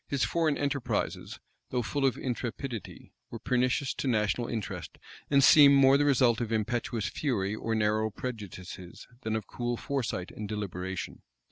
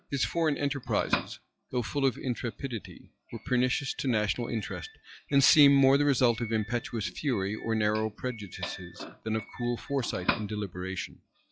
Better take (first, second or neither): first